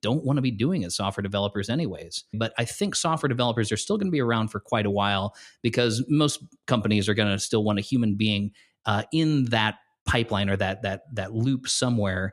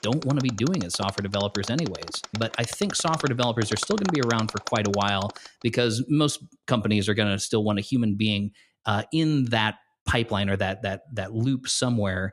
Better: first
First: none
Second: machinery noise; loud; until 5 s; 9 dB below the speech

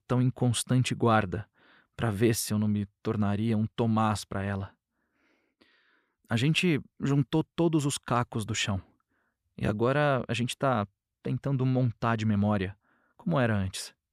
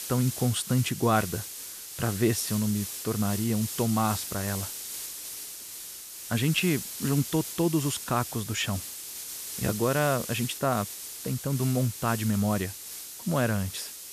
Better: first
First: none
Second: hiss; loud; throughout; 7 dB below the speech

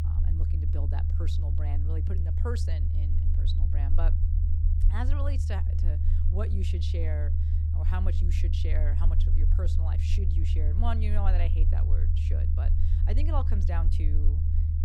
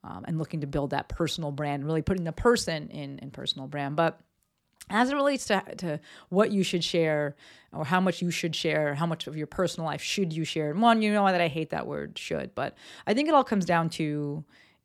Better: second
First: low rumble; loud; throughout; 3 dB below the speech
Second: none

